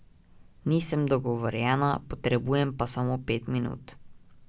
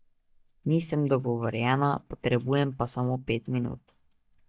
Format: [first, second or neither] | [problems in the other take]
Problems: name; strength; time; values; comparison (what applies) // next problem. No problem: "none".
first | noise reduction (neural mask model DeepFilterNet 3)